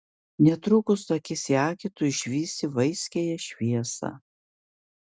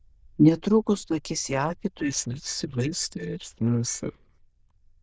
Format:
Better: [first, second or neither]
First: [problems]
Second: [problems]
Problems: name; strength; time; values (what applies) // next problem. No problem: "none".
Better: first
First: none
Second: noise reduction (neural diffusion model UNIVERSE++)